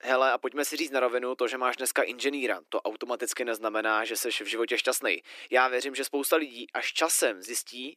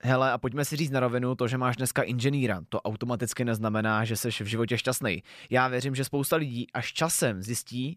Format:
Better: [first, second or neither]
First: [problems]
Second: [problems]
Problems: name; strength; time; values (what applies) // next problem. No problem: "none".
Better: second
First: thin; somewhat; fading below 300 Hz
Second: none